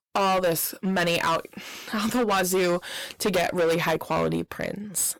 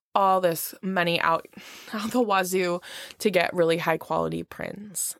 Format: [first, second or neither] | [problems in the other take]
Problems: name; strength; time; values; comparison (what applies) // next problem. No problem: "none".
second | distortion; heavy; 16% of the sound clipped